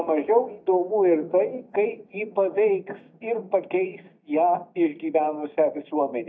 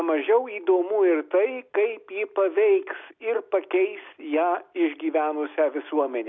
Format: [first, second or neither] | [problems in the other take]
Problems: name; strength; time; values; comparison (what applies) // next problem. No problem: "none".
second | noise reduction (neural mask model DeepFilterNet 3)